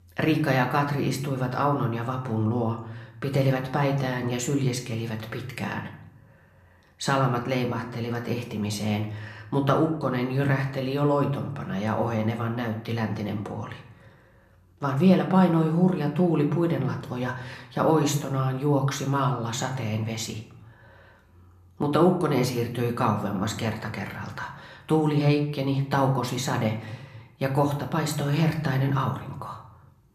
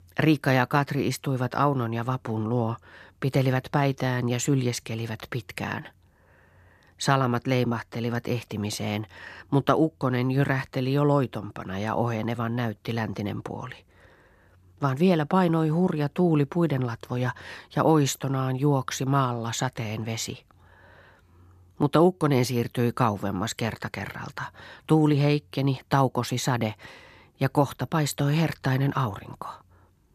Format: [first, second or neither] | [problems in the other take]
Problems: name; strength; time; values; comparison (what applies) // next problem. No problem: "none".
second | room echo; slight; dies away in 0.6 s